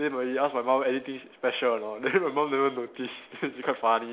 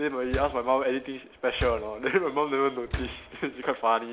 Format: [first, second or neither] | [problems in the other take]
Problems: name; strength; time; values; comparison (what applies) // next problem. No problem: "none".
first | background sound (Slam); 12 dB below the speech